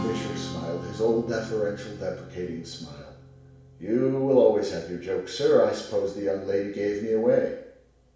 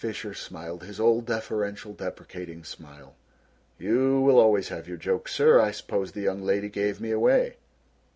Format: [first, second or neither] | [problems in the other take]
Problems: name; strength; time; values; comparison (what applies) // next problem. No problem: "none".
second | background sound (Strum); 15 dB below the speech // room echo; dies away in 0.7 s